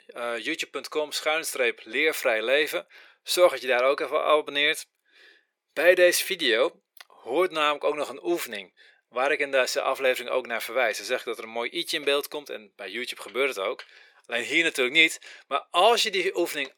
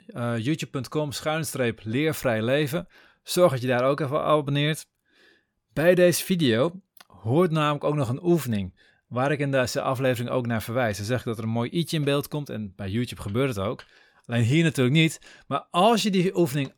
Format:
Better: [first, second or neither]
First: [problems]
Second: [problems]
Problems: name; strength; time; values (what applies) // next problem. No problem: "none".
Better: second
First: thin; very; fading below 400 Hz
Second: none